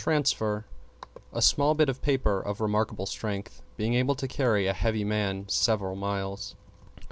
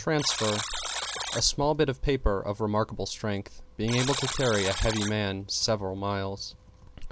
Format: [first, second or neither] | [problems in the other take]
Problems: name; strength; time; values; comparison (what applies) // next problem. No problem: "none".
first | background sound (Alarm); 8 dB below the speech